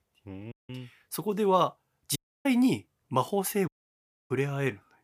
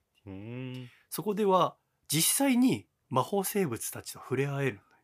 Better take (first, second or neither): second